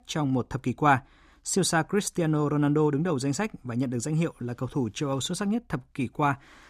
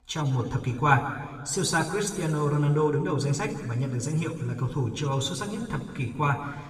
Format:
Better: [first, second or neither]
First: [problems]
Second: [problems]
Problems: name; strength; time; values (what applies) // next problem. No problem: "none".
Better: first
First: none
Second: room echo; noticeable; dies away in 1.6 s // off-mic speech; somewhat distant